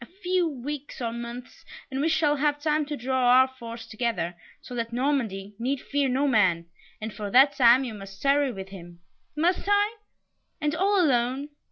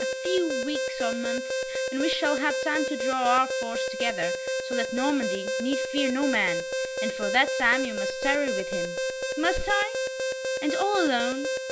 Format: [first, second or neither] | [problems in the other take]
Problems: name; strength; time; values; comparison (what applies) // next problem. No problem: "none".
first | background sound (Alarm); 1 dB below the speech